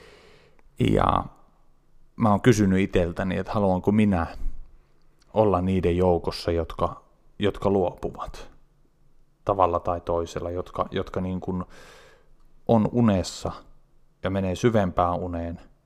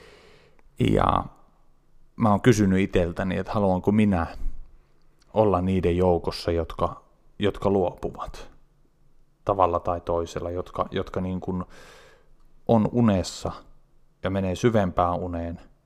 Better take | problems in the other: neither | none

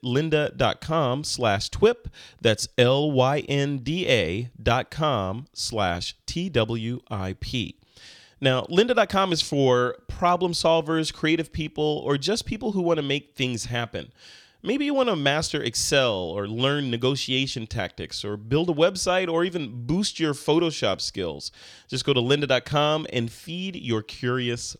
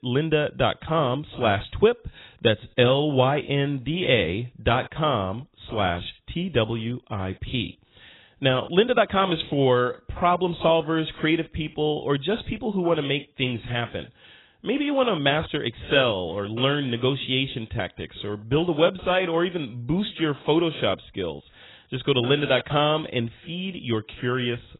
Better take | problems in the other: first | garbled, watery; badly; nothing above 3.5 kHz

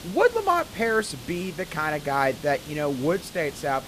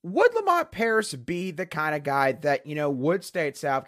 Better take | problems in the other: second | hiss; noticeable; throughout; 15 dB below the speech

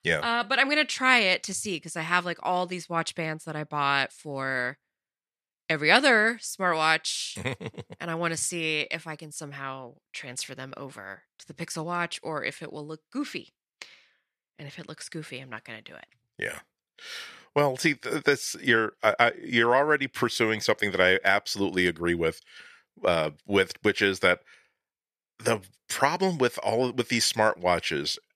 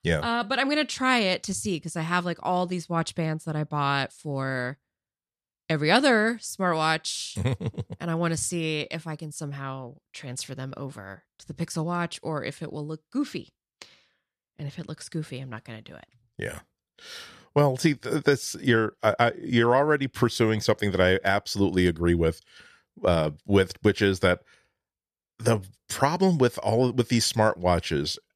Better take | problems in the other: second | thin; very slightly; fading below 400 Hz

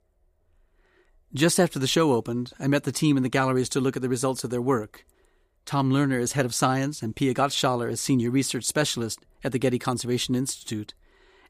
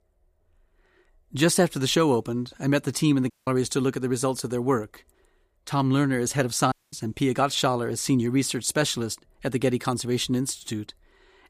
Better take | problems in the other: first | audio cutting out; at 3.5 s and at 6.5 s

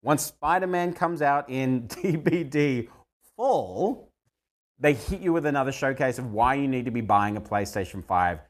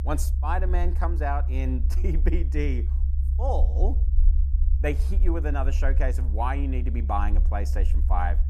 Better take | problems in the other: first | low rumble; noticeable; throughout; 15 dB below the speech

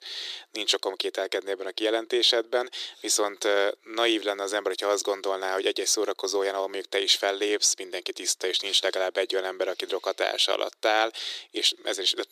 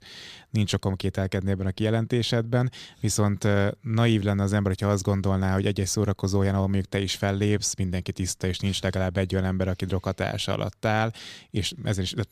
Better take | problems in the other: second | thin; very; fading below 350 Hz

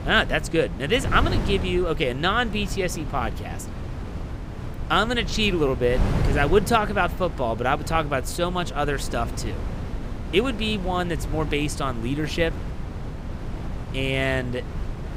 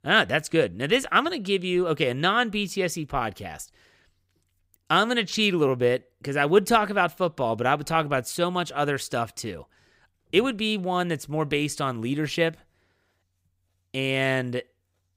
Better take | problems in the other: second | wind noise on the microphone; occasional gusts; 15 dB below the speech

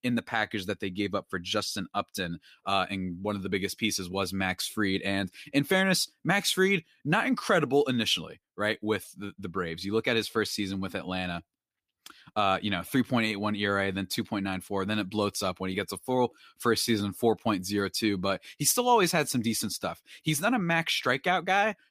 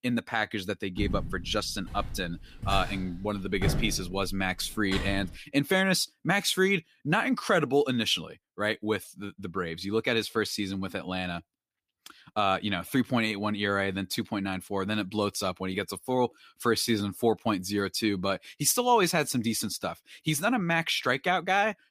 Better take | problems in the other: first | footsteps; noticeable; from 1 to 5.5 s; peak 2 dB below the speech

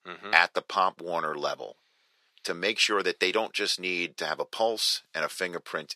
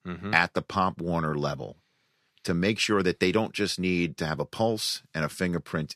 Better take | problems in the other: second | thin; very; fading below 550 Hz

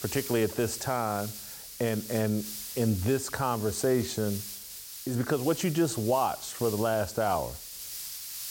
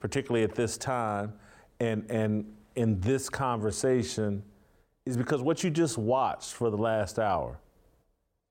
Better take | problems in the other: second | hiss; loud; throughout; 9 dB below the speech

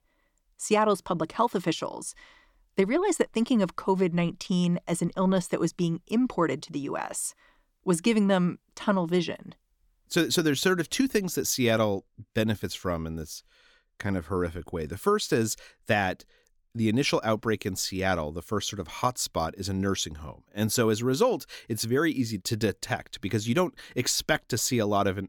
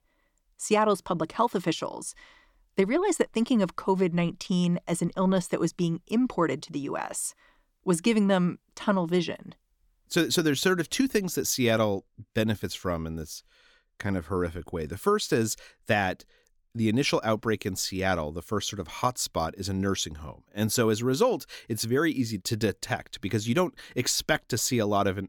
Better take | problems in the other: neither | none

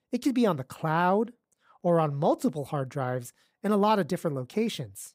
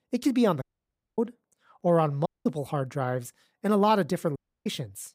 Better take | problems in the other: first | audio cutting out; at 0.5 s for 0.5 s, at 2.5 s and at 4.5 s

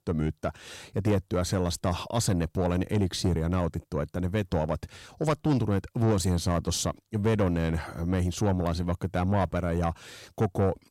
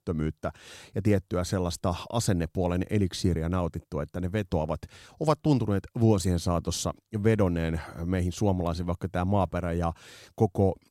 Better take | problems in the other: second | distortion; slight; 10 dB below the speech

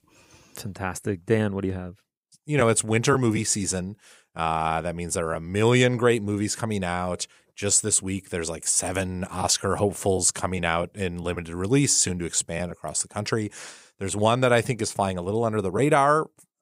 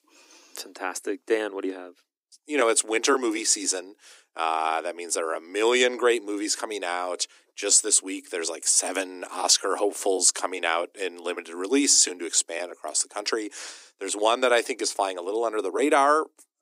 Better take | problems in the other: first | thin; somewhat; fading below 250 Hz

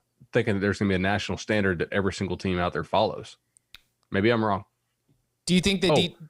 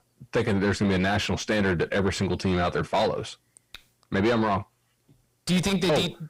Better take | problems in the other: first | distortion; heavy; 7 dB below the speech

